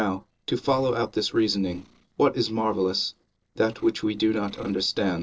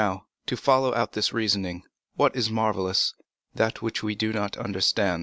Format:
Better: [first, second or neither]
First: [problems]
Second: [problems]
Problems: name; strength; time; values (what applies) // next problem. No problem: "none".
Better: second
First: noise reduction (neural separator model SepFormer DNS4)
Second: none